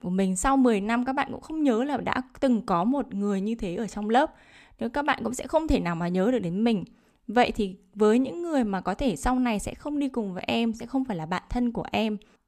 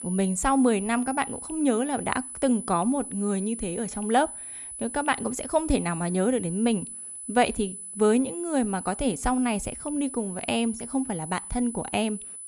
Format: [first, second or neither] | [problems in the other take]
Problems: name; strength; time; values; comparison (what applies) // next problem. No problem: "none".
first | high-pitched whine; loud; throughout; 10 kHz, 9 dB below the speech